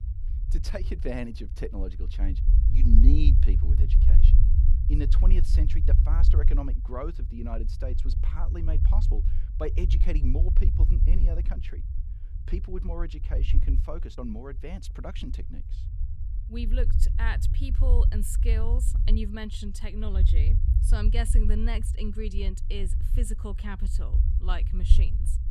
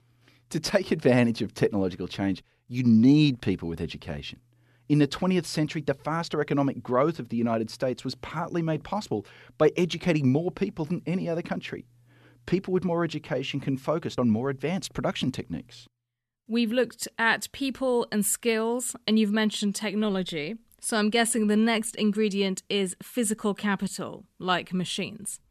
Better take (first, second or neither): second